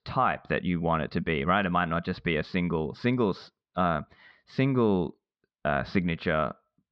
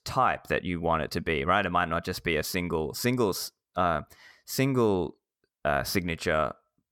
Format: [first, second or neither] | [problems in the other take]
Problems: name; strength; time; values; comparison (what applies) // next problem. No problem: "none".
second | muffled; slightly; fading above 4 kHz